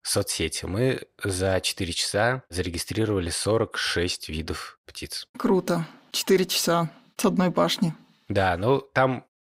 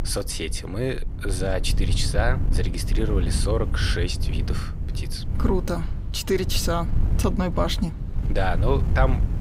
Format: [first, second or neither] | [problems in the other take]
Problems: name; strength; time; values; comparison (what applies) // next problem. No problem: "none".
first | wind noise on the microphone; occasional gusts; 10 dB below the speech